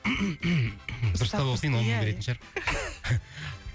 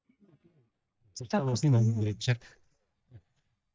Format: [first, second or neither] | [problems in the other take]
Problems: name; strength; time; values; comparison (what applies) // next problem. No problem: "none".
first | noise reduction (neural mask model DeepFilterNet 3)